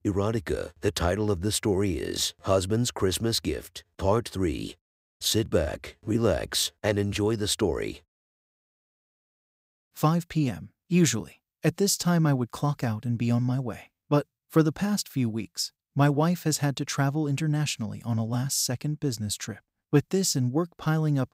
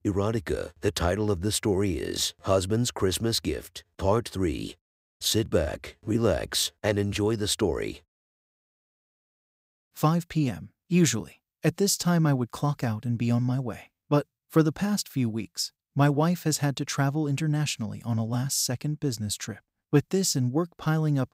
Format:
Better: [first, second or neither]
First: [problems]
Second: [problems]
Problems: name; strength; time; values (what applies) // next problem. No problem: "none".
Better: neither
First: none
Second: none